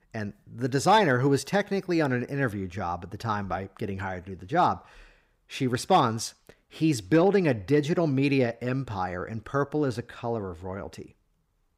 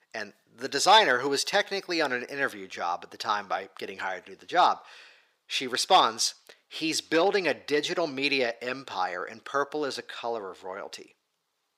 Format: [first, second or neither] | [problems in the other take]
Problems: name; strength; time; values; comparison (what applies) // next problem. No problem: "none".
first | thin; somewhat; fading below 500 Hz